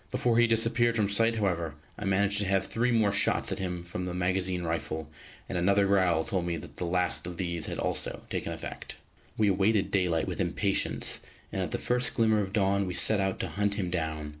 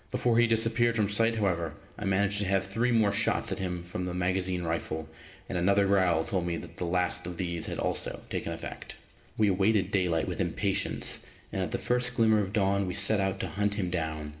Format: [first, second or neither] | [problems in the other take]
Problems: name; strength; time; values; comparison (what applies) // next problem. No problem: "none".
first | room echo; dies away in 1.3 s